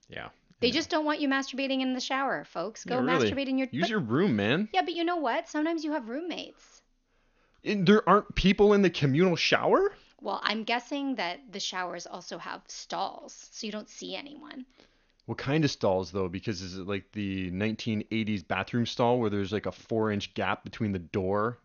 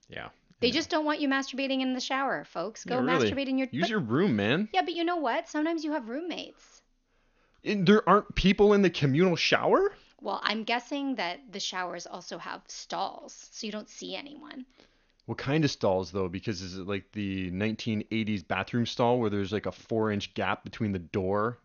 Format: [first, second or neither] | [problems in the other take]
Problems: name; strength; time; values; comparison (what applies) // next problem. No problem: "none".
neither | garbled, watery; slightly; nothing above 6.5 kHz; the same in both